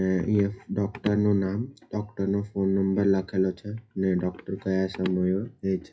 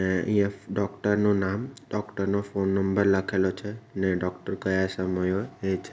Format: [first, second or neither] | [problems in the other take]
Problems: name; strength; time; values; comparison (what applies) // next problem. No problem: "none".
second | noise reduction (classical method WPE with log-MMSE)